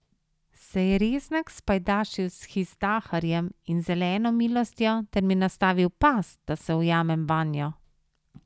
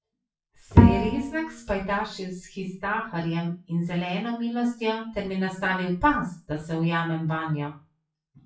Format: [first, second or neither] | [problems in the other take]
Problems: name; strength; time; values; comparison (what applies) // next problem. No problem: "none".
first | noise reduction (classical method WPE with log-MMSE)